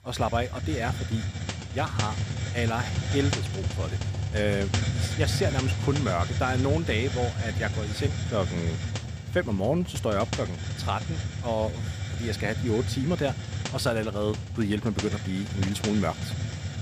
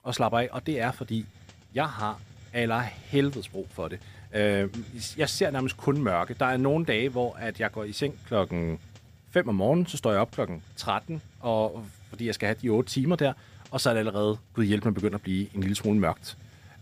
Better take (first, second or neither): second